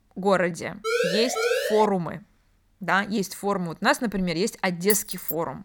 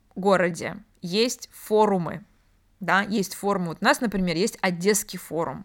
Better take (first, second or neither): second